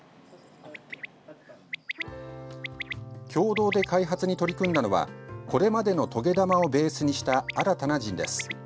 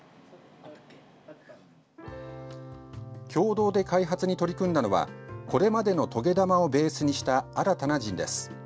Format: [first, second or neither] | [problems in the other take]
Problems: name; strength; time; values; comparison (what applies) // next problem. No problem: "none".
second | background sound (Bird); 14 dB below the speech